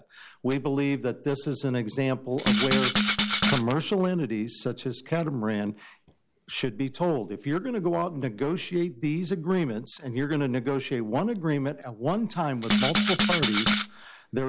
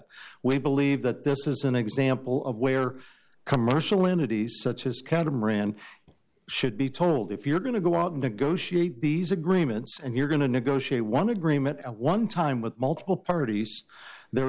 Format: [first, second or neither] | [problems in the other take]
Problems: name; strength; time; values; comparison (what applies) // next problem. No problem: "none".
second | background sound (Rattle (instrument)); 3 dB above the speech